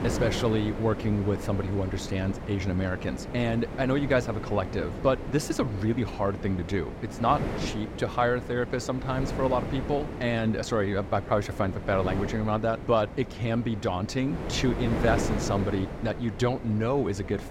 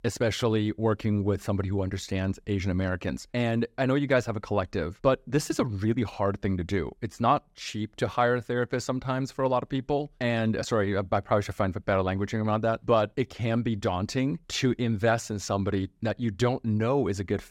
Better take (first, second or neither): second